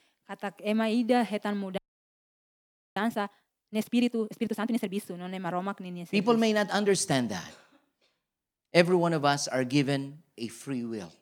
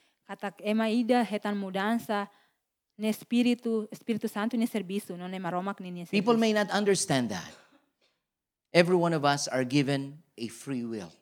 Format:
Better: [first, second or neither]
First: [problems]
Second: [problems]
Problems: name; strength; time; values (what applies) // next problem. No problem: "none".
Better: second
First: audio freezing; at 2 s for 1 s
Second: none